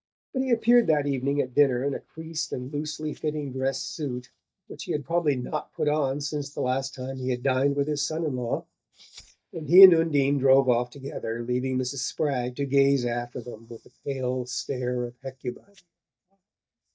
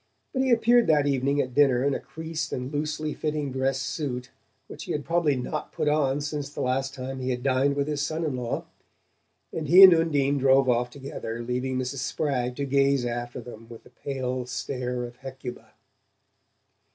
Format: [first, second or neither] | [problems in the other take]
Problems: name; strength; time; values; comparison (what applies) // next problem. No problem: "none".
second | noise reduction (neural mask model DeepFilterNet 3)